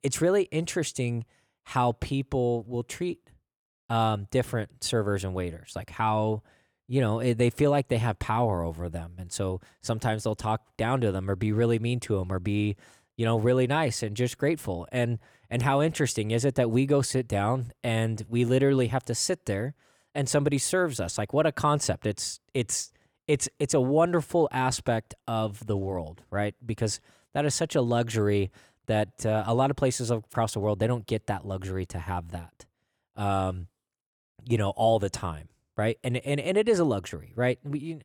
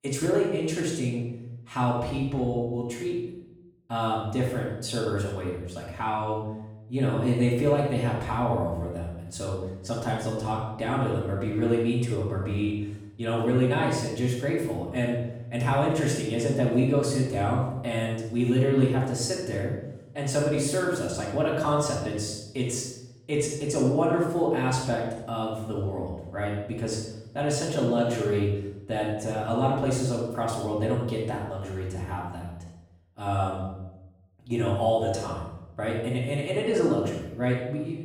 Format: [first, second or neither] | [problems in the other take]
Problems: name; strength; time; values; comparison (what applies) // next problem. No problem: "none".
first | off-mic speech; far // room echo; noticeable; dies away in 0.8 s